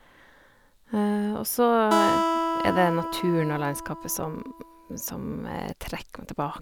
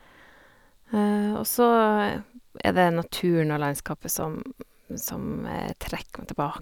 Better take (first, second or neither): second